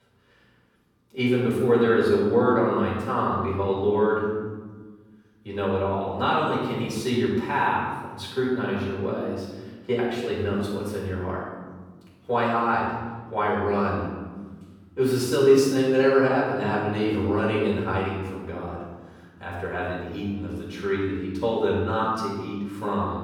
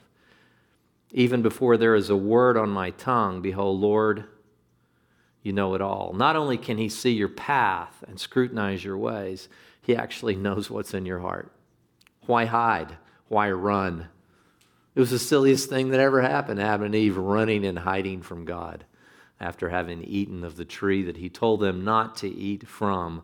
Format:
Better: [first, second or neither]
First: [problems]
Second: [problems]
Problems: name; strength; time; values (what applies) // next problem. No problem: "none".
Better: second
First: off-mic speech; far // room echo; noticeable; dies away in 1.4 s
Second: none